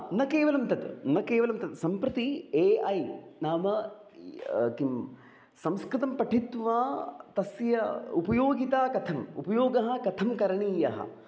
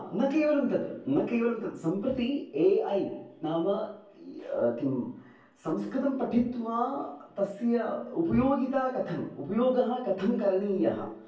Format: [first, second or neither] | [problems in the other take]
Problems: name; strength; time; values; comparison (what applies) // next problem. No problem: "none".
first | room echo; dies away in 0.3 s